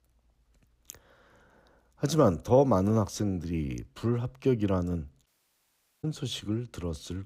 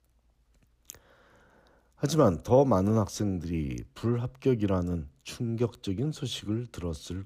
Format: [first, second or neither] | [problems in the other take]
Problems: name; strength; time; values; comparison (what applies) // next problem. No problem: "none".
second | audio cutting out; at 5.5 s for 1 s